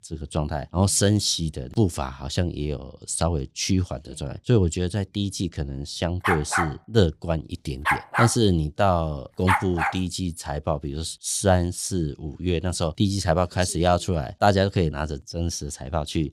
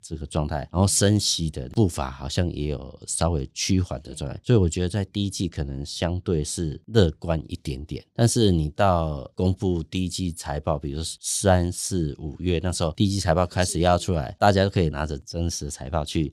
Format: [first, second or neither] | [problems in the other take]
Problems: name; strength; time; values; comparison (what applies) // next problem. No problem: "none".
second | dog barking; loud; from 6 to 10 s; peak 2 dB above the speech